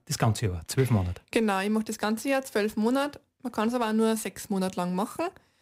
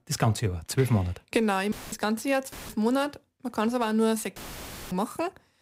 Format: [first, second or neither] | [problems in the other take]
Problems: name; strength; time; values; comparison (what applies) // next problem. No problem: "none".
first | audio cutting out; filled with static; at 1.5 s, at 2.5 s and at 4.5 s for 0.5 s